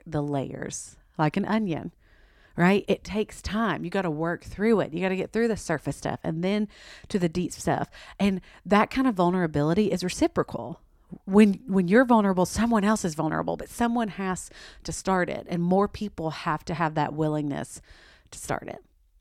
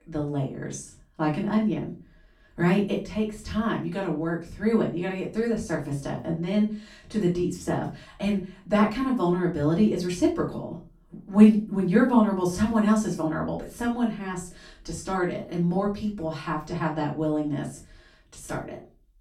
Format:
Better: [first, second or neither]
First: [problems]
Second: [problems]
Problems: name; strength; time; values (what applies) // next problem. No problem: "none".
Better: first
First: none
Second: off-mic speech; far // room echo; slight; dies away in 0.3 s